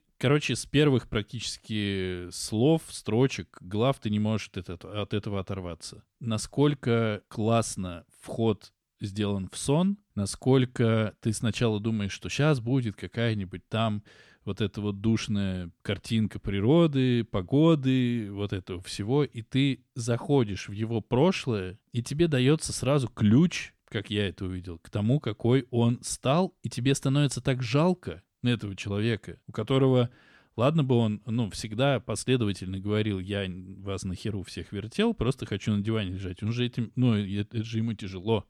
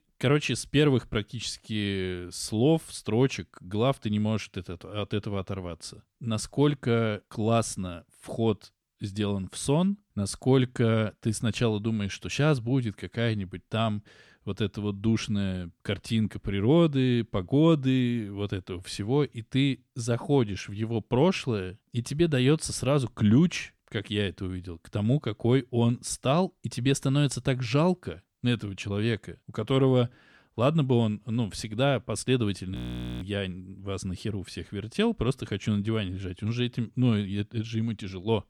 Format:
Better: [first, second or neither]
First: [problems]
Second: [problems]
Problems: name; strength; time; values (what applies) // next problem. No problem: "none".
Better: first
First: none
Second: audio freezing; at 33 s